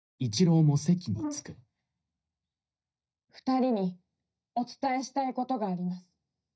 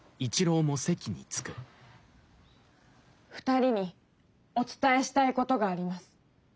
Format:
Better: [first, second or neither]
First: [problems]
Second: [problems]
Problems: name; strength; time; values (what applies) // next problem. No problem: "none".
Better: second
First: noise reduction (neural mask model DeepFilterNet 3)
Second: none